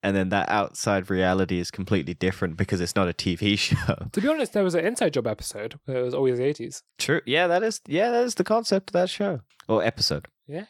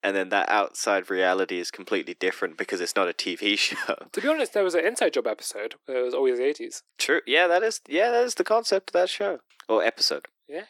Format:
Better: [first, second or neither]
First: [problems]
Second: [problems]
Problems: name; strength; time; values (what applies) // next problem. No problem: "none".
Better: first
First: none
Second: thin; somewhat; fading below 300 Hz